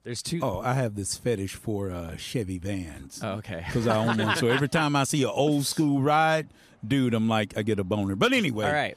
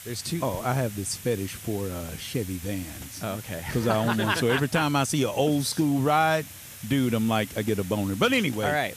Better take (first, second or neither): first